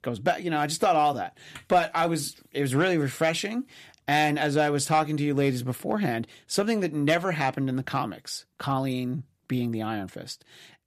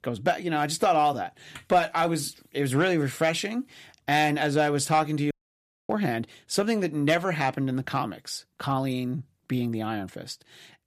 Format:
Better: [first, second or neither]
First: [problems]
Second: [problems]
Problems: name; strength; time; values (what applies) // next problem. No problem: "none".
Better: first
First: none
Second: audio cutting out; at 5.5 s for 0.5 s